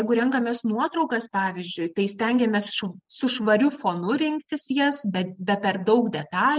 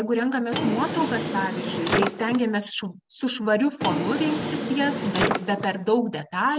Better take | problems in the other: first | background sound (Drawer open or close); 3 dB below the speech

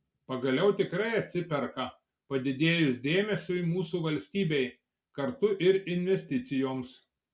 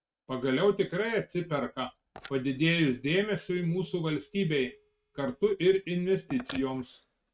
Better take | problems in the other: first | noise reduction (neural mask model RNNoise)

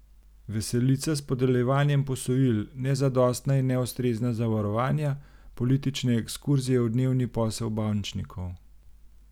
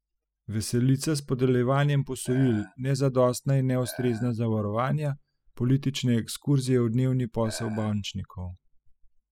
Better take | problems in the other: first | noise reduction (classical method spectral subtraction)

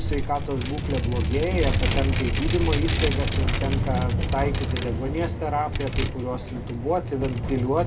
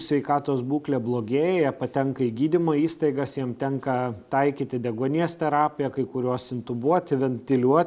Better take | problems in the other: second | background sound (Vehicle); 3 dB above the speech // room echo; dies away in 0.2 s

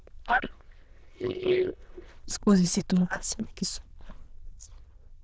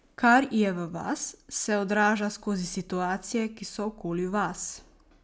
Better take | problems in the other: second | noise reduction (neural diffusion model UNIVERSE++)

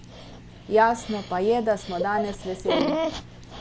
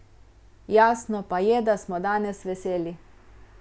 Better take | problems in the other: second | background sound (Dog); 5 dB below the speech

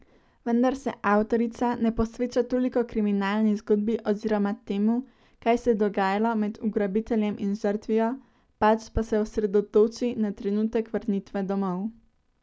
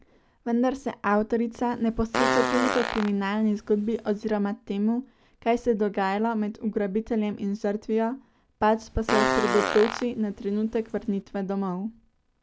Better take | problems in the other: first | background sound (Fart); 3 dB below the speech

